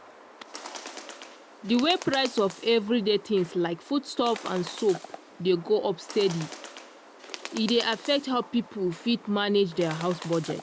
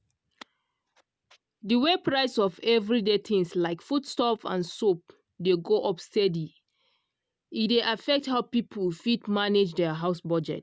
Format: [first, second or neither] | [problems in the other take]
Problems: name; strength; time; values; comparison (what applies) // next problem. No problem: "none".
second | background sound (Bird); 15 dB below the speech